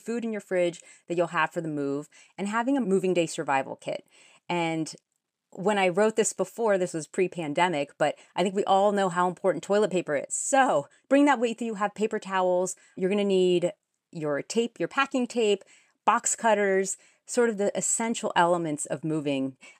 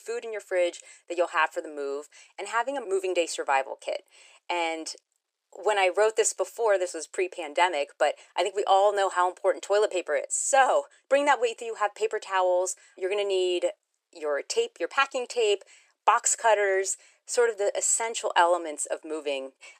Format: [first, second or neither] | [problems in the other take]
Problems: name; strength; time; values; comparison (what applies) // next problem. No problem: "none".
first | thin; very; fading below 400 Hz